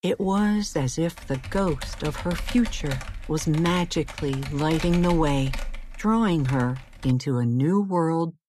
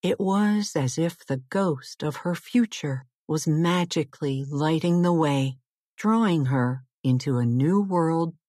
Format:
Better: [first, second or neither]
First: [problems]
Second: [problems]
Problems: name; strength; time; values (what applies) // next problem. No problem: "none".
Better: second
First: keyboard typing; noticeable; until 7 s; peak 8 dB below the speech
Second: none